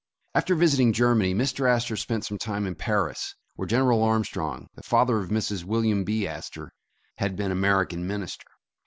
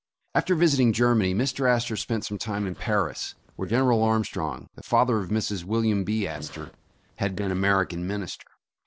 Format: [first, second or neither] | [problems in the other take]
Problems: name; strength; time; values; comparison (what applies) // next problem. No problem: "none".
first | noise reduction (neural separator model SepFormer DNS4)